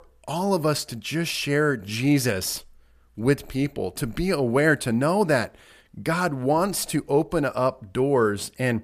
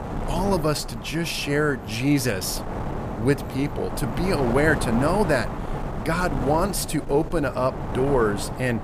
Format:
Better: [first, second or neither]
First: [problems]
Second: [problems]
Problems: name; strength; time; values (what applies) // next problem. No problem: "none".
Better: first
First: none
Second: wind noise on the microphone; heavy; 8 dB below the speech